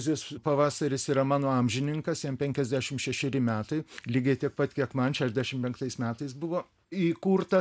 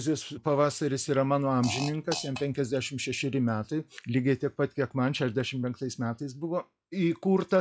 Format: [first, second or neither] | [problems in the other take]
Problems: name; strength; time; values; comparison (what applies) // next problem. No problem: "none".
first | noise reduction (classical method log-MMSE)